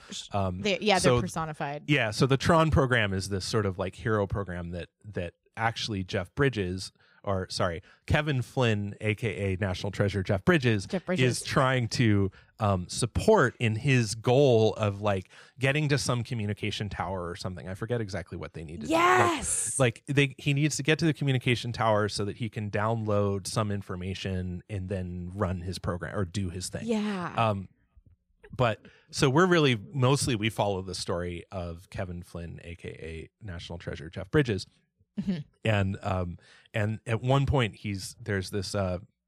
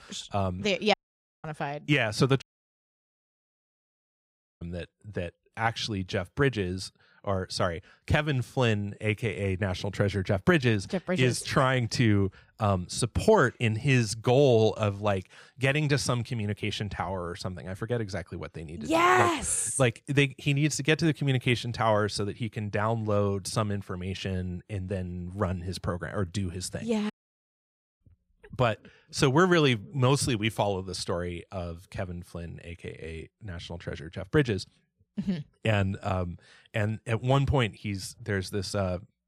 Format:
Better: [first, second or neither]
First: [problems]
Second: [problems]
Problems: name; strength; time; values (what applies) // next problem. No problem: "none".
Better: first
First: none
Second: audio cutting out; at 1 s for 0.5 s, at 2.5 s for 2 s and at 27 s for 1 s